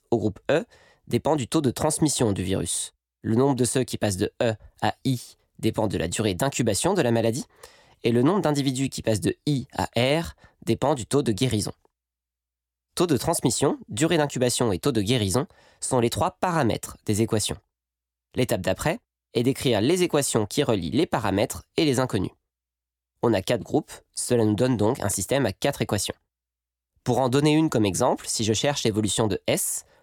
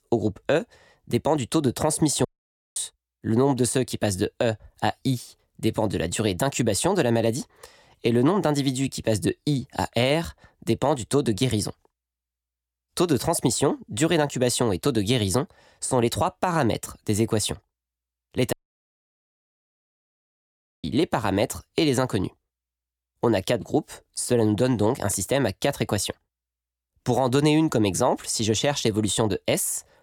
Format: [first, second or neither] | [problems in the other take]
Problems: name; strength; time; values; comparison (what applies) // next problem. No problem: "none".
first | audio cutting out; at 2.5 s for 0.5 s and at 19 s for 2.5 s